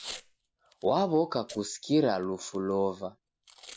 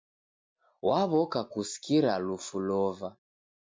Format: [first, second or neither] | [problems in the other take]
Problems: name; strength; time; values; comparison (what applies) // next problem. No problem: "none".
second | background sound (Packing tape, duct tape / Tearing); 20 dB below the speech